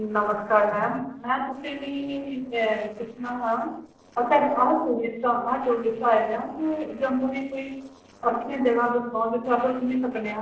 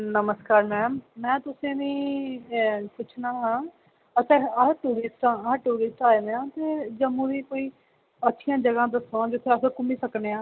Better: second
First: noise reduction (neural separator model SepFormer DNS4)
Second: none

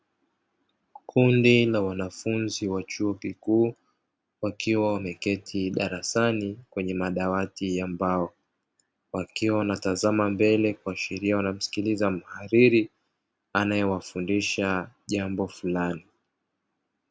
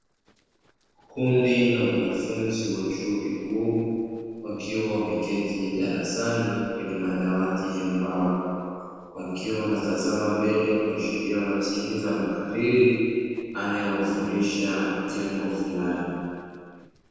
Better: first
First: none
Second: noise reduction (neural separator model SepFormer DNS4)

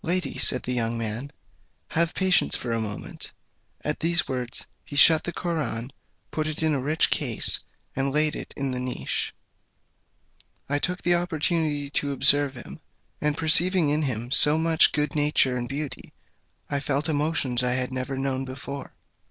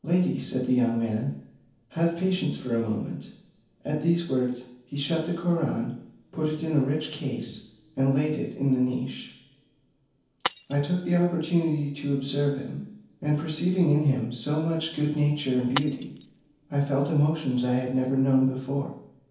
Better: first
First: none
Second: background sound (Shatter); 15 dB below the speech // room echo; dies away in 0.7 s

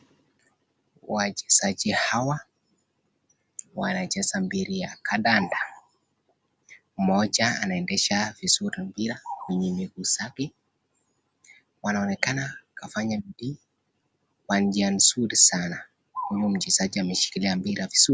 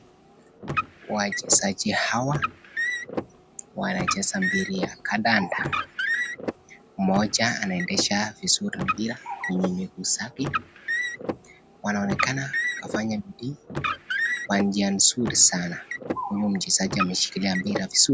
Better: first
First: none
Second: background sound (Car); 6 dB below the speech

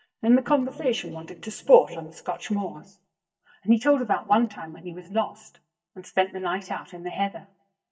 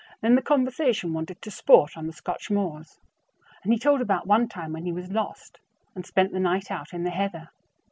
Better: second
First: noise reduction (neural mask model DeepFilterNet 3)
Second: none

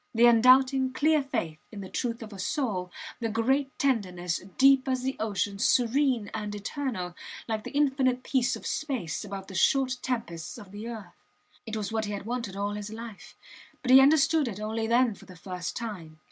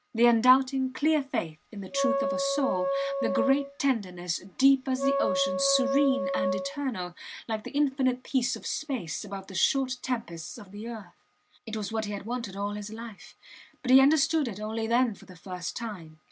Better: first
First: none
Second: background sound (Wind instrument, woodwind instrument); 2 dB below the speech

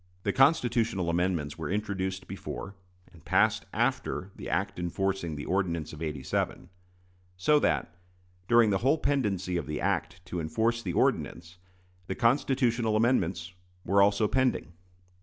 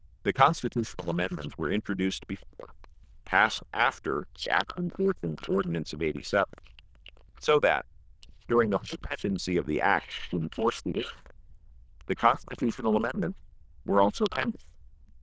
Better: first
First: none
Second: noise reduction (neural diffusion model UNIVERSE++)

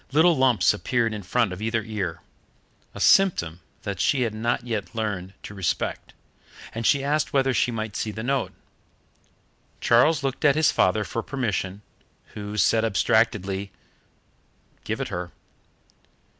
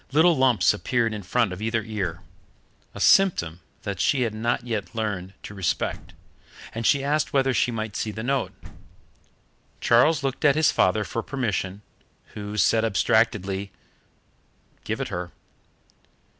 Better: first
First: none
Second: background sound (Slam); 17 dB below the speech

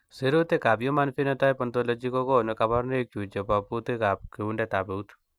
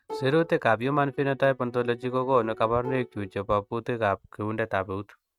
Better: first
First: none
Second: noise reduction (neural mask model RNNoise)

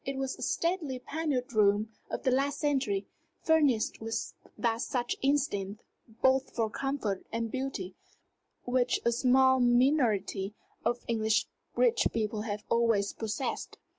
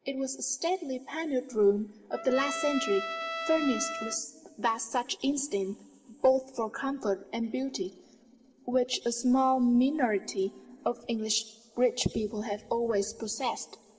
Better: first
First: none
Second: background sound (Trumpet); 8 dB below the speech // room echo; dies away in 2.5 s

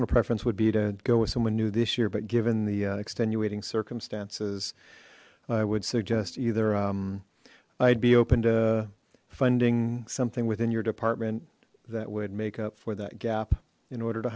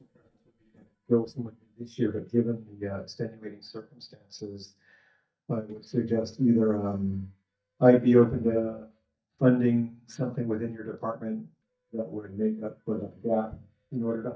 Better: first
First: none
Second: noise reduction (neural mask model DeepFilterNet 3)

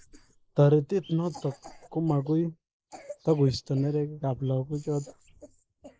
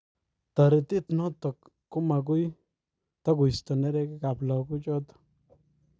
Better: second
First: noise reduction (neural mask model Resemble Enhance denoiser)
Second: none

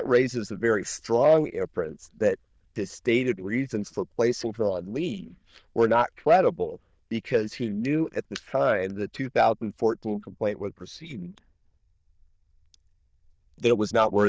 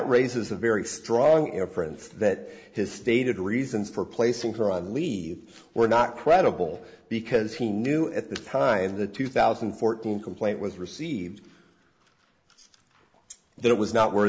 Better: second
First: noise reduction (neural diffusion model UNIVERSE++)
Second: none

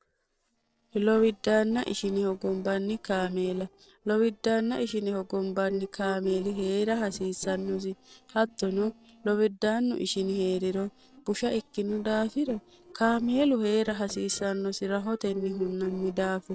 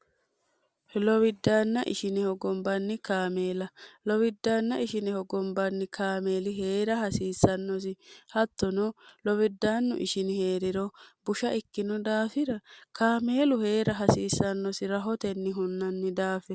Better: second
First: noise reduction (neural separator model SepFormer DNS4)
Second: none

